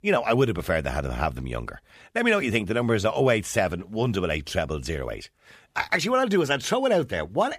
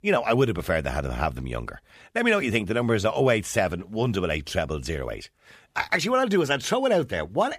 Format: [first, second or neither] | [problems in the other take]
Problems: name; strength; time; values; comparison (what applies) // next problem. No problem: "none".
neither | none